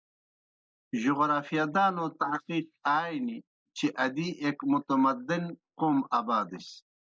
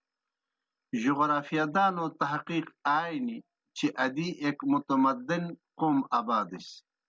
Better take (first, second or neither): second